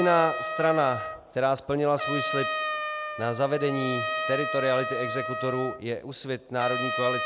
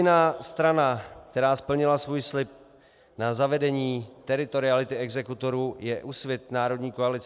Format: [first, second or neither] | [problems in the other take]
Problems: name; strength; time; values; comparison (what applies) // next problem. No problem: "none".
second | background sound (Trumpet); 4 dB below the speech